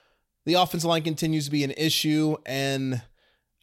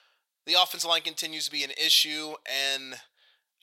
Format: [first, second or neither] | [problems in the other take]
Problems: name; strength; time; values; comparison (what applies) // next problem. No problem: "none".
first | thin; very; fading below 900 Hz